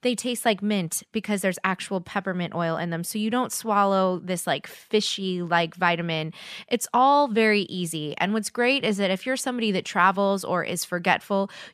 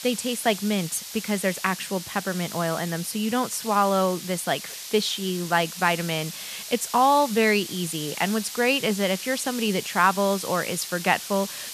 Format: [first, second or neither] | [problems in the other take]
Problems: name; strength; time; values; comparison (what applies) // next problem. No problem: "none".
first | hiss; loud; throughout; 9 dB below the speech